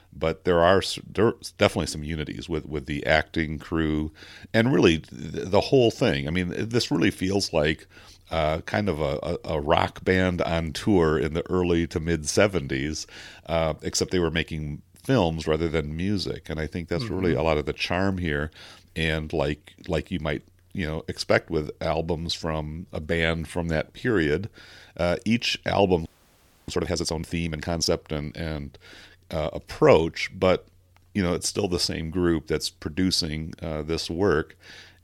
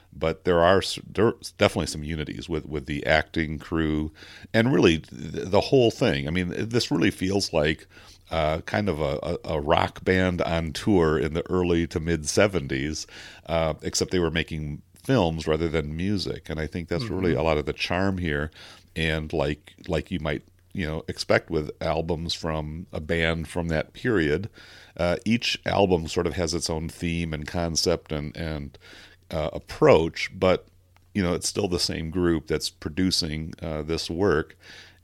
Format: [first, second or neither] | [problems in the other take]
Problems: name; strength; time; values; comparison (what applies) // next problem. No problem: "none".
second | audio freezing; at 26 s for 0.5 s